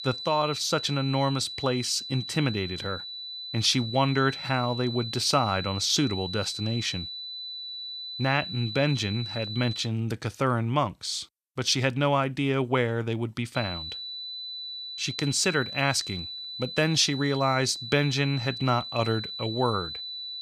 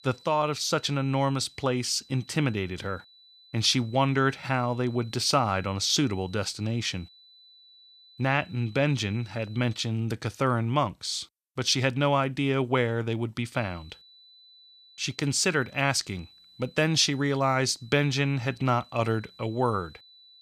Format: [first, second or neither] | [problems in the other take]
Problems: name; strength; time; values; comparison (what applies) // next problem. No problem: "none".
second | high-pitched whine; loud; until 10 s and from 14 s on; 4 kHz, 8 dB below the speech; faint in the second